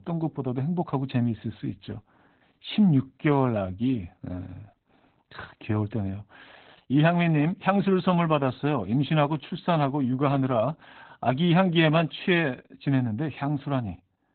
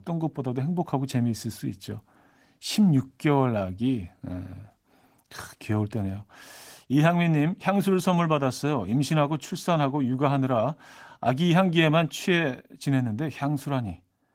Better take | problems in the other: second | garbled, watery; badly; nothing above 3.5 kHz; slightly in the second

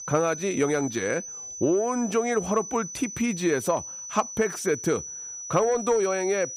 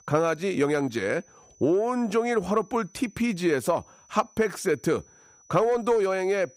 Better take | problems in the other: second | high-pitched whine; loud; throughout; 6 kHz, 9 dB below the speech; faint in the second

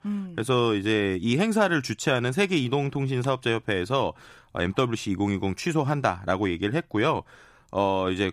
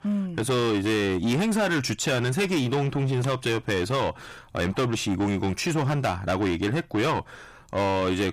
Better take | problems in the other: first | distortion; heavy; 7 dB below the speech

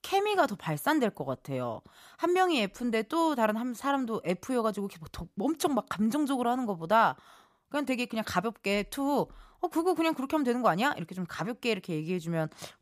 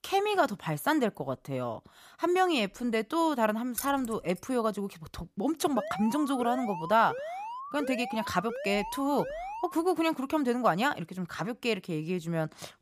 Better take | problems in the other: first | jangling keys; noticeable; at 4 s; peak 7 dB below the speech // alarm; noticeable; from 6 to 10 s; peak 8 dB below the speech

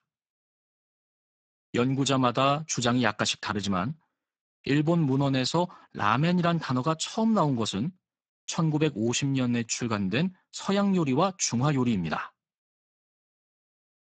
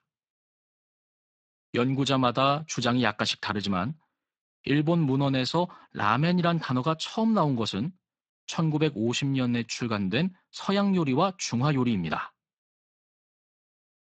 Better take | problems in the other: second | garbled, watery; badly; nothing above 7.5 kHz; slightly in the second

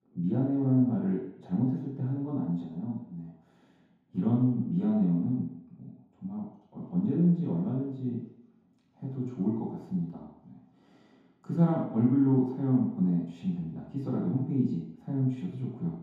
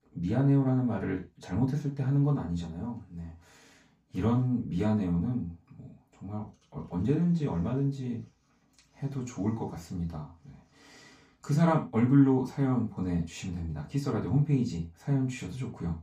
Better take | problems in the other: second | room echo; strong; dies away in 0.8 s; slight in the second // off-mic speech; far; far in the second

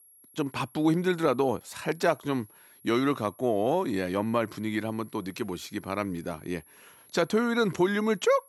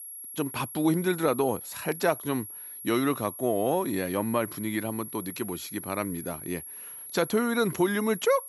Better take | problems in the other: first | high-pitched whine; loud; throughout; 11.5 kHz, 10 dB below the speech; faint in the first

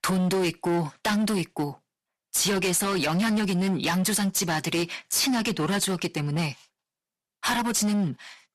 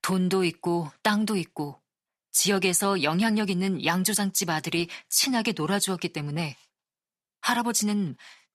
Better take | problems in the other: second | distortion; heavy; 19% of the sound clipped

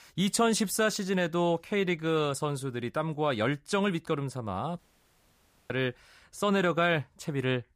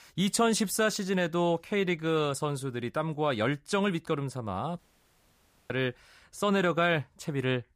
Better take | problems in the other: neither | audio cutting out; at 5 s for 1 s; the same in both

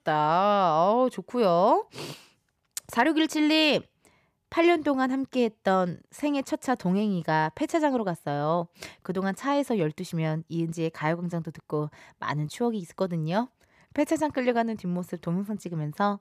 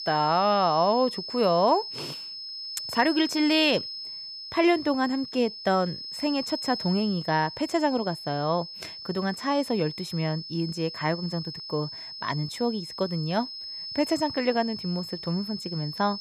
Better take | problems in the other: first | high-pitched whine; loud; throughout; 5 kHz, 8 dB below the speech

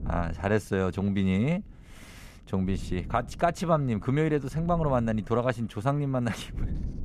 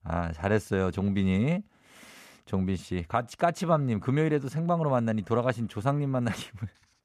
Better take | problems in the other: second | wind noise on the microphone; occasional gusts; 25 dB below the speech

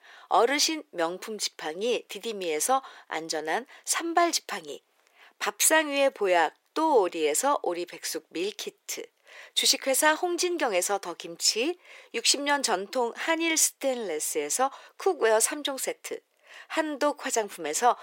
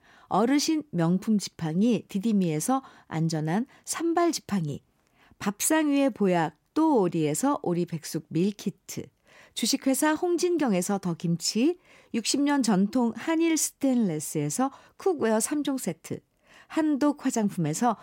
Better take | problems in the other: second | thin; very; fading below 450 Hz

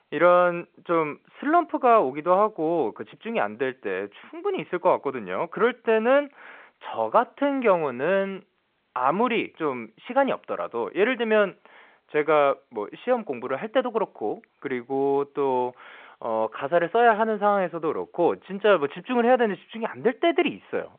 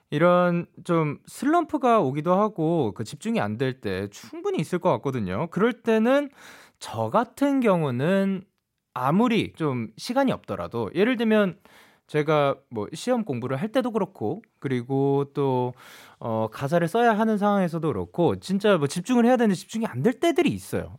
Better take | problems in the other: second | phone-call audio

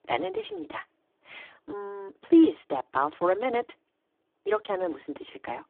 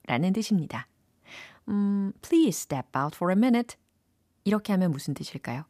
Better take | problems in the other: second | phone-call audio; poor line

